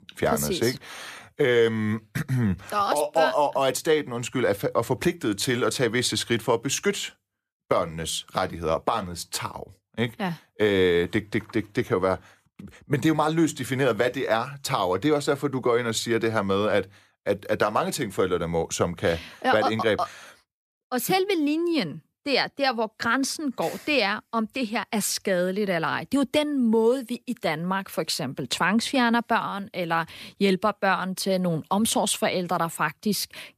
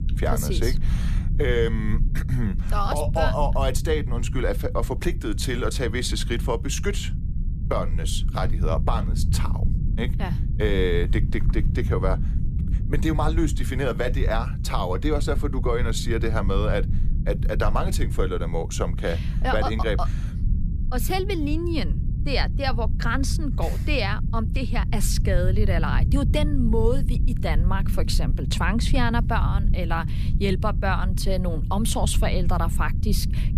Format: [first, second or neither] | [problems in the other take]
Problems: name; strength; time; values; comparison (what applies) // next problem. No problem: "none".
first | low rumble; noticeable; throughout; 10 dB below the speech